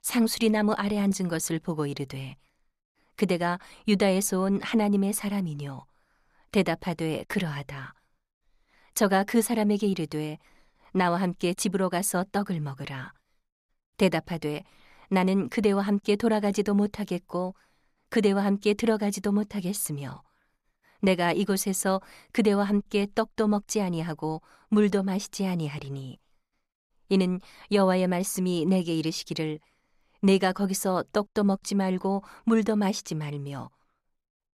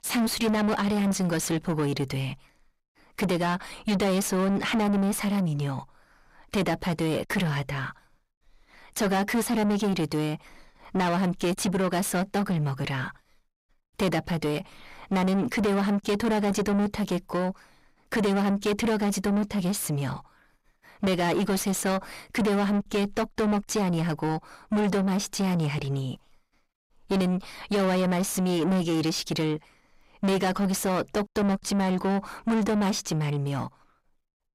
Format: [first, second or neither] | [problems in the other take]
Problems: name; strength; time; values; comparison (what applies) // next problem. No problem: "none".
first | distortion; heavy; 7 dB below the speech